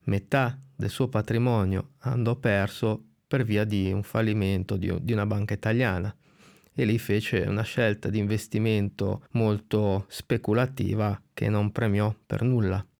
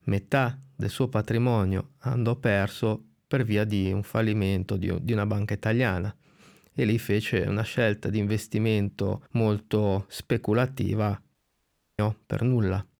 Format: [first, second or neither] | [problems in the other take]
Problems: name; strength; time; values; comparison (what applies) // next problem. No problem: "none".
first | audio cutting out; at 11 s for 0.5 s